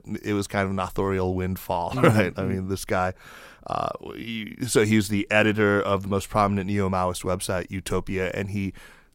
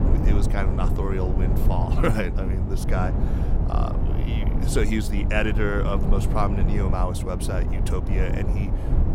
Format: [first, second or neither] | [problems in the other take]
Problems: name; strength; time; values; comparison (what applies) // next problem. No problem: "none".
first | low rumble; loud; throughout; 6 dB below the speech